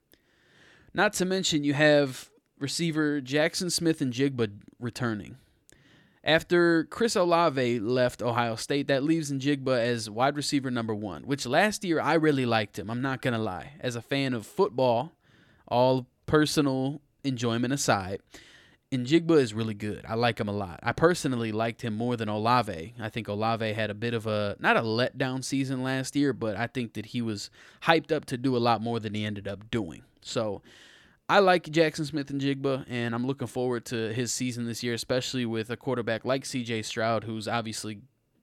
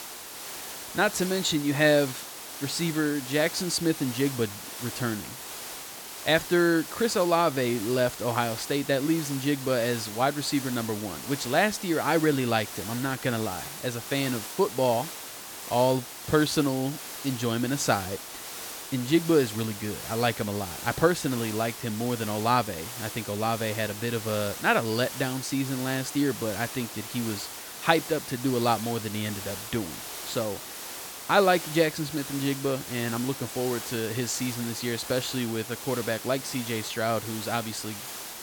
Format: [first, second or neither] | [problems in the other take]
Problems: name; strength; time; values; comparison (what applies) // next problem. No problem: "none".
first | hiss; loud; throughout; 9 dB below the speech